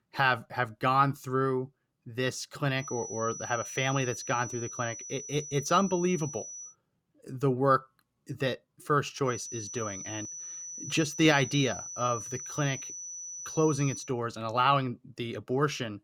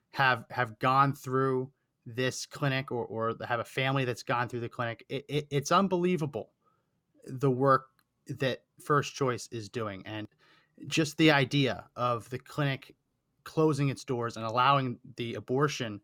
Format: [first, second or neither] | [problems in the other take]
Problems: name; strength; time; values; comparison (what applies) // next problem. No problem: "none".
second | high-pitched whine; loud; from 3 to 6.5 s and from 9.5 to 14 s; 6 kHz, 9 dB below the speech